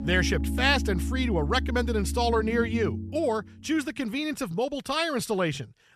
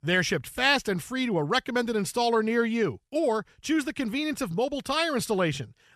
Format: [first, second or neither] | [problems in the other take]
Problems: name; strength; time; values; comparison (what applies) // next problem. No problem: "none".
second | background music; loud; until 3 s; 4 dB below the speech